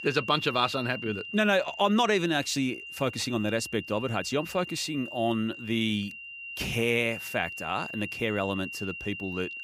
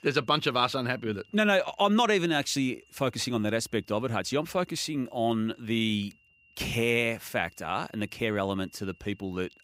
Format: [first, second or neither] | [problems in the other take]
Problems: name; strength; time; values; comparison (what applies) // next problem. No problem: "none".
second | high-pitched whine; loud; throughout; 3 kHz, 9 dB below the speech; faint in the second